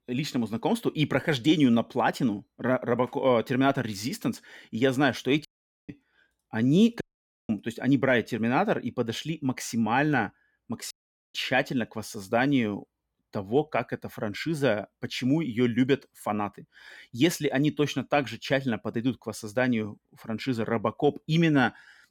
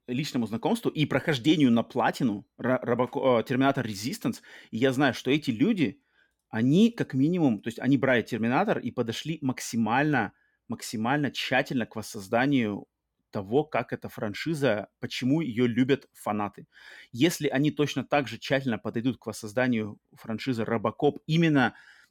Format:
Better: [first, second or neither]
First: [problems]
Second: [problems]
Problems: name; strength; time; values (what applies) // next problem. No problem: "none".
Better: second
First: audio cutting out; at 5.5 s, at 7 s and at 11 s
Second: none